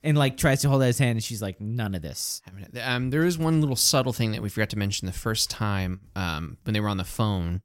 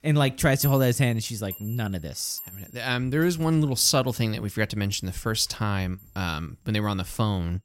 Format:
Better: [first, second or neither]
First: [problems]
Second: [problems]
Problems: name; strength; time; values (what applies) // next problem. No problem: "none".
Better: first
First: none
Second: household noises; noticeable; throughout; 15 dB below the speech